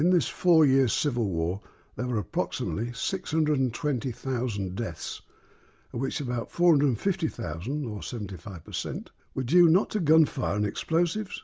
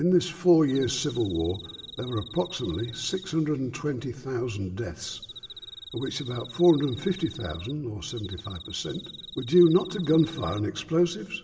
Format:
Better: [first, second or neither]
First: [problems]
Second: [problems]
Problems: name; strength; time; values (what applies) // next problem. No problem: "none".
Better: first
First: none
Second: background sound (Cricket); 16 dB below the speech // room echo; dies away in 1.4 s